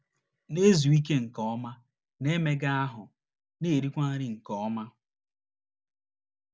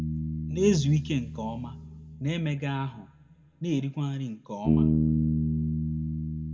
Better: first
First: none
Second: background sound (Bass guitar); 1 dB above the speech // room echo; dies away in 1.4 s

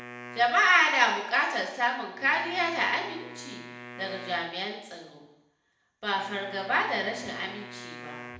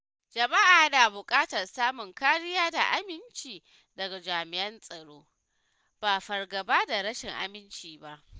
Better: second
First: background sound (Wind instrument, woodwind instrument); 17 dB below the speech // room echo; dies away in 0.8 s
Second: none

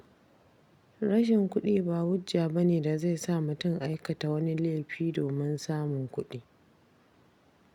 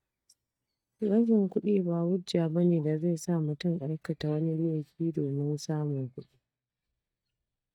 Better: first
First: none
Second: noise reduction (neural mask model DeepFilterNet 3)

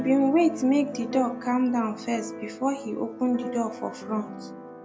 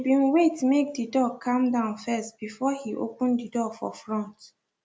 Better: second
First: background sound (Keyboard (musical)); 11 dB below the speech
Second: none

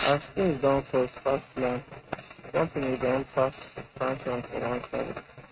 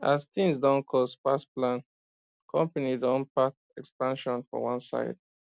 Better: second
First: noise reduction (neural mask model RNNoise)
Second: none

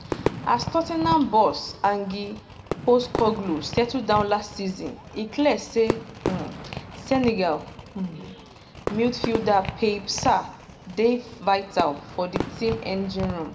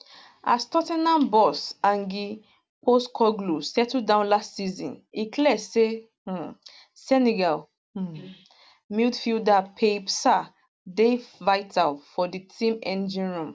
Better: second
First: background sound (Fireworks); 9 dB below the speech // room echo; dies away in 1.5 s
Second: none

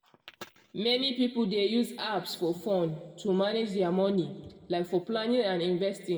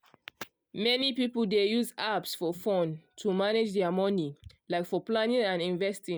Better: second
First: room echo; dies away in 1.3 s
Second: none

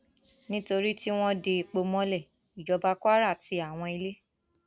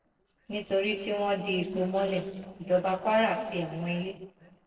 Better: first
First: none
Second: noise reduction (neural separator model SepFormer DNS4)

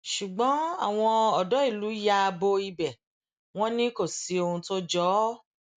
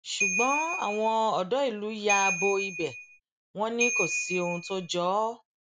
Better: first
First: none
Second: background sound (Ringtone / Bell); 1 dB below the speech

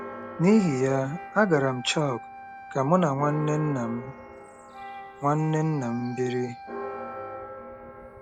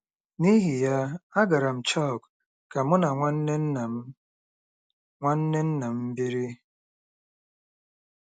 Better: second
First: background sound (Wind instrument, woodwind instrument + Church bell); 12 dB below the speech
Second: none

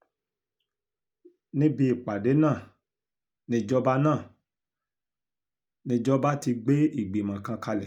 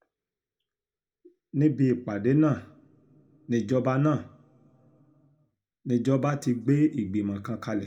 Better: first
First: none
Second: room echo; dies away in 0.7 s

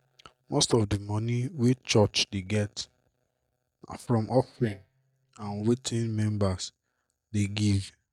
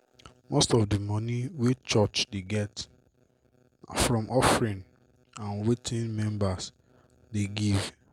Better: second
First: noise reduction (neural mask model DeepFilterNet 3)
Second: none

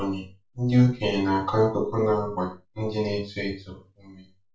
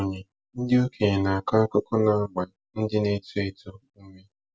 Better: second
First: room echo; dies away in 0.3 s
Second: none

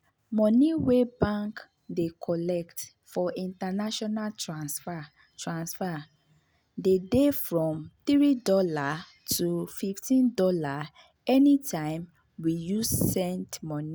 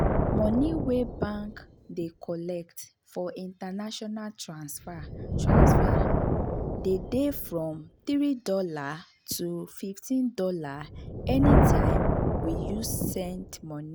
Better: first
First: none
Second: background sound (Thunder); 3 dB above the speech

